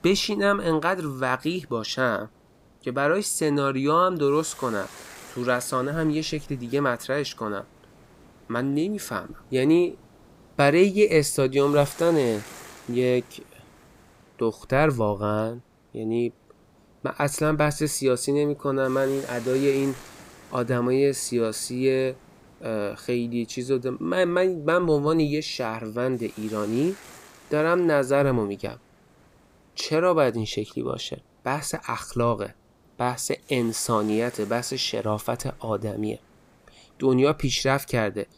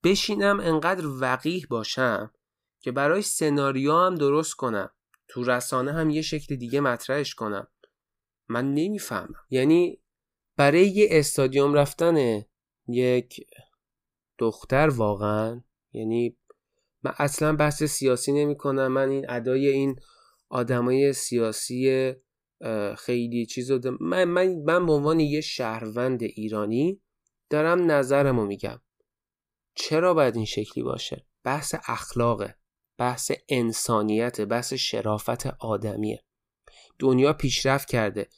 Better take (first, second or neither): second